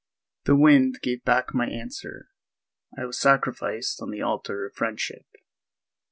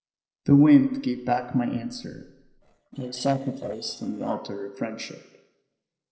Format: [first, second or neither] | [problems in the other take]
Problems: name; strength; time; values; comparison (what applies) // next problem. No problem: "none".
first | noise reduction (neural separator model SepFormer DNS4)